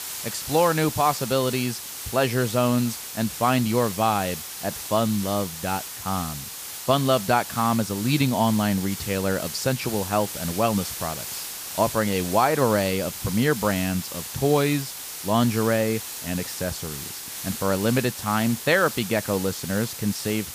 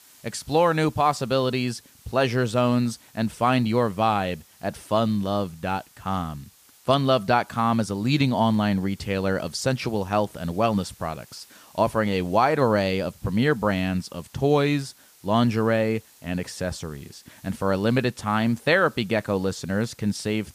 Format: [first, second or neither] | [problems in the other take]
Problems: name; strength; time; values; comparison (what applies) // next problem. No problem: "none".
second | hiss; loud; throughout; 8 dB below the speech; faint in the second